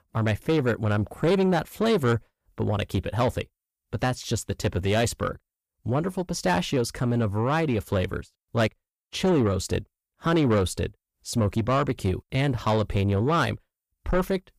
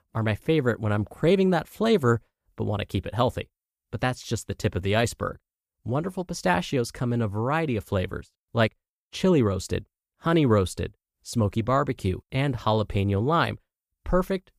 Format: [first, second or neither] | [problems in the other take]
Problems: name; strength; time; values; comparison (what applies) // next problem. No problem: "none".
second | distortion; slight; 10 dB below the speech